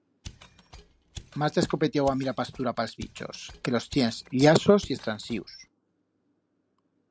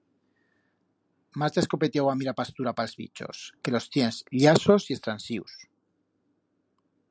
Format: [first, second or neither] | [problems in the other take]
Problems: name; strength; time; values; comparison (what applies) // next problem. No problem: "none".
second | background sound (Mechanisms); 20 dB below the speech